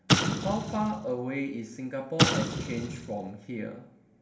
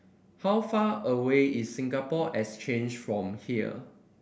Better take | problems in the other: second | background sound (Explosion); 3 dB above the speech // room echo; dies away in 1.6 s

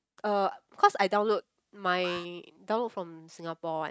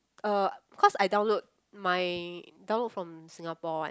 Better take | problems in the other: second | noise reduction (neural mask model RNNoise)

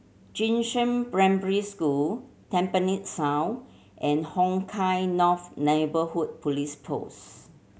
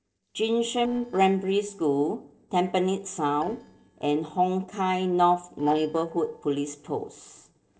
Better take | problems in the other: first | noise reduction (neural separator model SepFormer DNS4)

